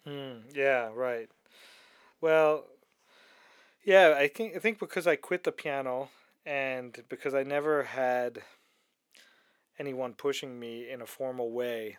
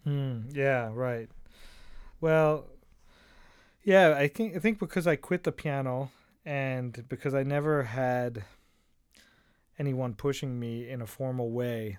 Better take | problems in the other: second | thin; somewhat; fading below 400 Hz

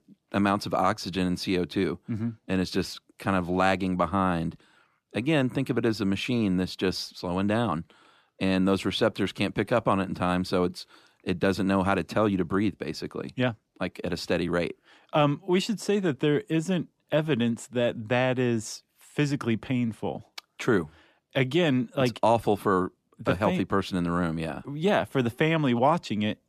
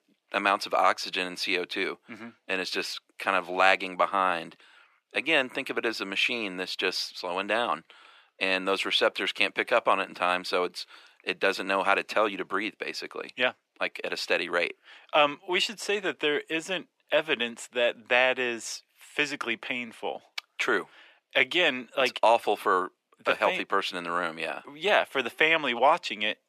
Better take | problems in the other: first | thin; very; fading below 550 Hz

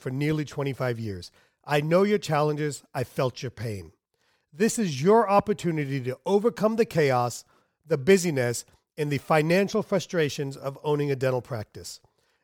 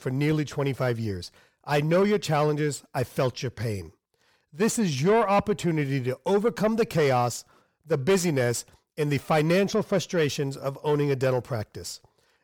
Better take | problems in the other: first | distortion; slight; 10 dB below the speech

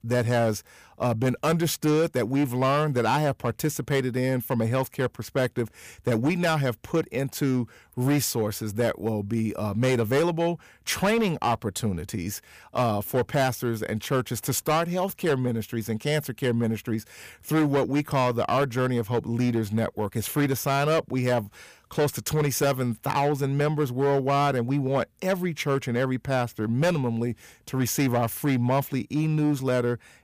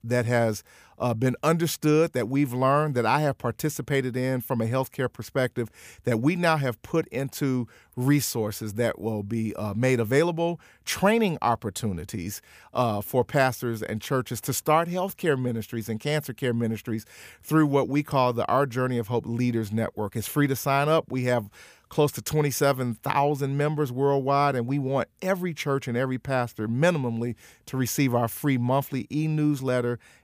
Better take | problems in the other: second | distortion; slight; 8% of the sound clipped

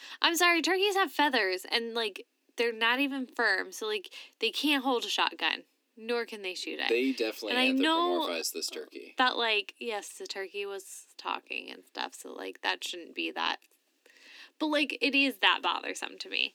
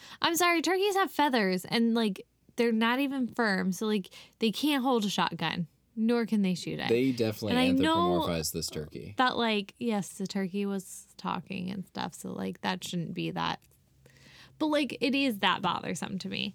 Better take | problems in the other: second | thin; very slightly; fading below 250 Hz

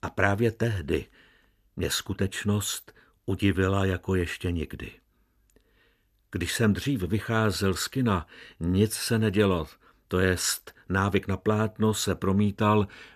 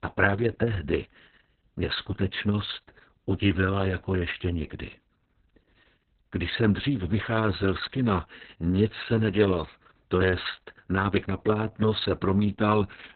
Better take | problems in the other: first | garbled, watery; badly; nothing above 4 kHz

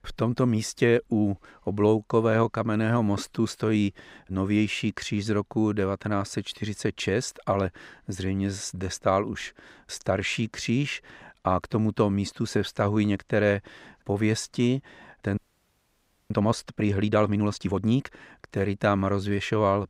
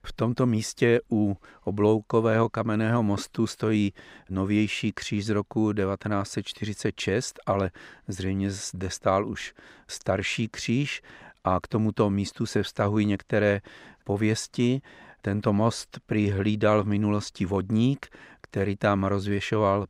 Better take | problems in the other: second | audio freezing; at 15 s for 1 s

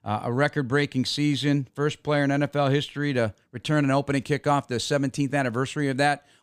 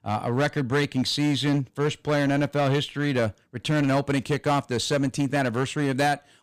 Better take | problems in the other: first | distortion; slight; 11% of the sound clipped

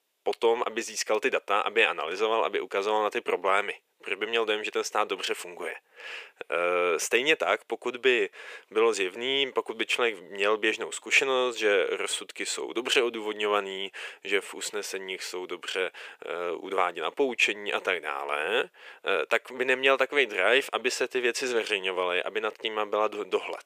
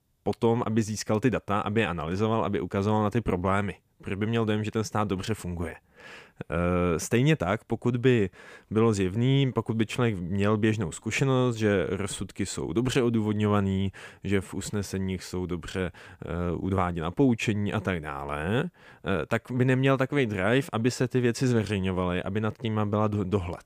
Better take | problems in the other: second | thin; very; fading below 400 Hz

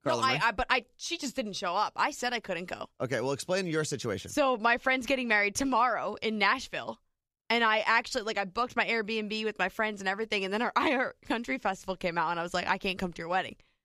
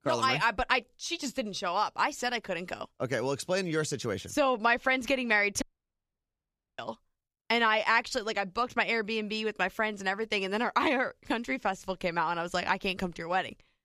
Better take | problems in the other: first | audio cutting out; at 5.5 s for 1 s

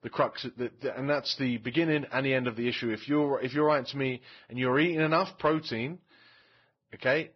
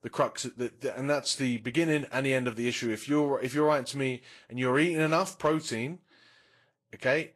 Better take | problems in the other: second | garbled, watery; badly; nothing above 5.5 kHz; slightly in the second

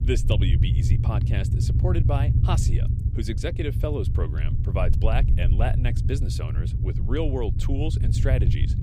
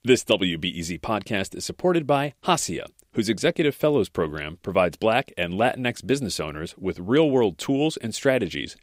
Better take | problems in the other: second | low rumble; loud; throughout; 5 dB below the speech

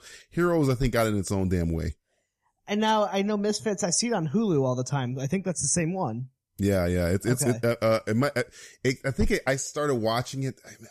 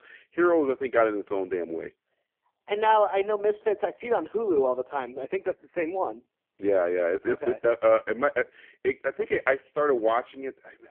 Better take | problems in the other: first | phone-call audio; poor line; nothing above 3 kHz

